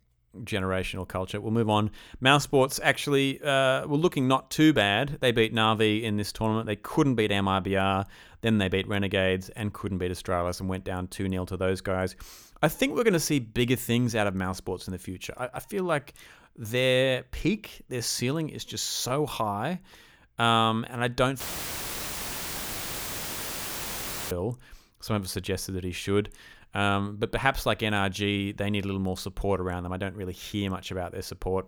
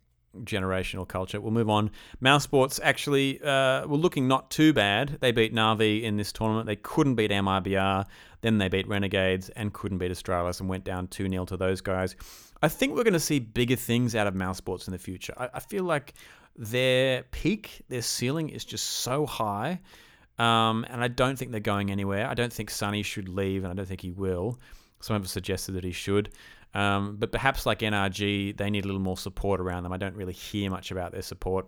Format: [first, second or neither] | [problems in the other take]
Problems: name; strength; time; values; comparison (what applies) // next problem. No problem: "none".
second | audio cutting out; filled with static; at 21 s for 3 s